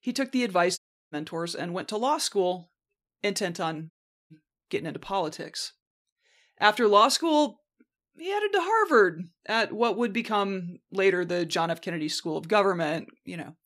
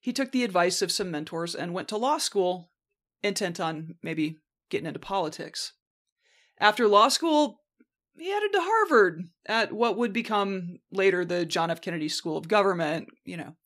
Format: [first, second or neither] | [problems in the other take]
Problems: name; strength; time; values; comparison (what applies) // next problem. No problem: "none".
second | audio cutting out; at 1 s and at 4 s